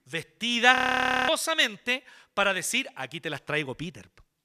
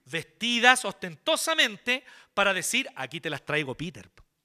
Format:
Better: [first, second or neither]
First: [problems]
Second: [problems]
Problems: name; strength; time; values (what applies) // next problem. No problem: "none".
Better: second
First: audio freezing; at 1 s for 0.5 s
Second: none